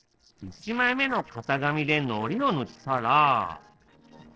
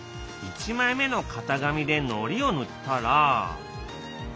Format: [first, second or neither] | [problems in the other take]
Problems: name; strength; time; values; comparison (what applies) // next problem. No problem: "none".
second | noise reduction (neural separator model SepFormer DNS4)